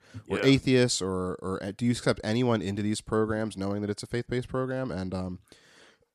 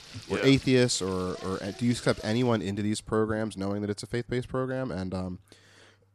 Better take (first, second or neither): first